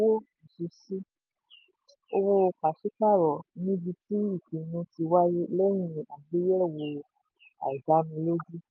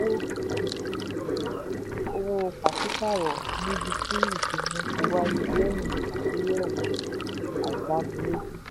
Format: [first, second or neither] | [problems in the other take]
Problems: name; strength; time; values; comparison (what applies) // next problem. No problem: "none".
first | background sound (Sink (filling or washing)); 3 dB above the speech